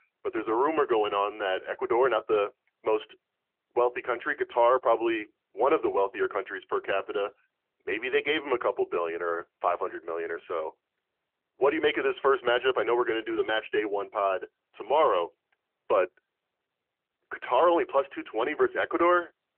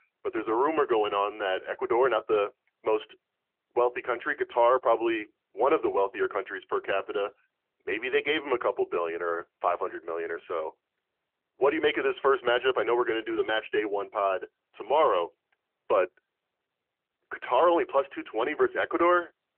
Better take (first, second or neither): neither